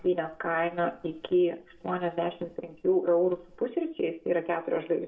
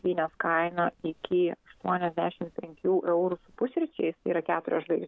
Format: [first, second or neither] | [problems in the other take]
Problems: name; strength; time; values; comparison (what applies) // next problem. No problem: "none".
second | room echo; dies away in 0.4 s